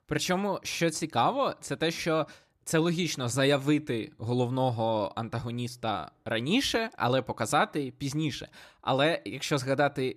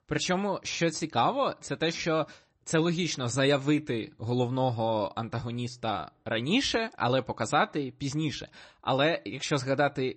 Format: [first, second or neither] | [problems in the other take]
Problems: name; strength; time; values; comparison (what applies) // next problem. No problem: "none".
first | garbled, watery; slightly; nothing above 8 kHz